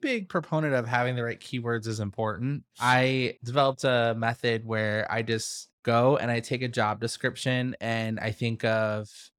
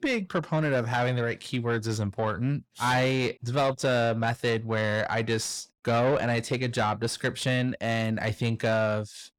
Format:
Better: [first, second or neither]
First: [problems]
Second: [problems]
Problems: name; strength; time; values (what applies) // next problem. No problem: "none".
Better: first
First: none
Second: distortion; slight; 10 dB below the speech